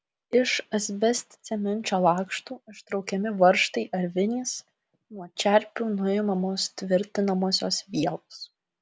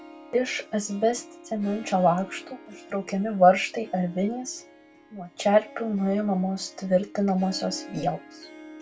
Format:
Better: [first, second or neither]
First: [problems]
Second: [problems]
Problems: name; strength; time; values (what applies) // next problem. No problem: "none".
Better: first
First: none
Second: background sound (Harp); 19 dB below the speech // room echo; dies away in 0.2 s